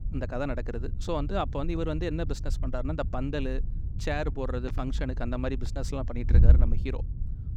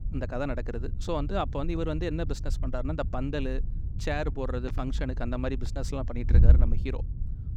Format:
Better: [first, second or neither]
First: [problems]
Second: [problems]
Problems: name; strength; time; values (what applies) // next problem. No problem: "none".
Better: neither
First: wind noise on the microphone; occasional gusts; 15 dB below the speech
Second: wind noise on the microphone; occasional gusts; 15 dB below the speech